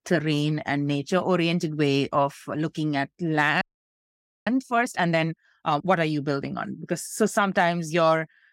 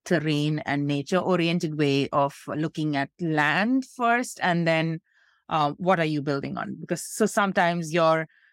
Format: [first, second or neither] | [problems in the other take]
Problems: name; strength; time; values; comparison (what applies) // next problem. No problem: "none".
second | audio freezing; at 3.5 s for 1 s